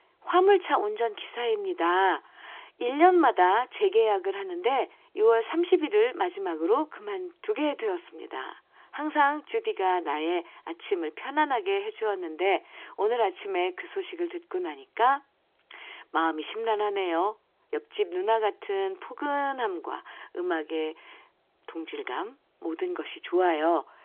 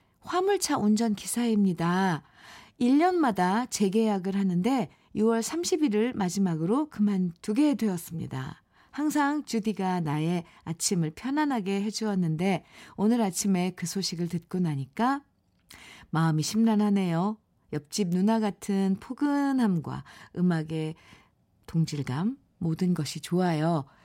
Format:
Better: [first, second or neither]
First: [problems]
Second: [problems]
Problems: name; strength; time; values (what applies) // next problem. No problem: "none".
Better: second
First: phone-call audio; nothing above 3.5 kHz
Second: none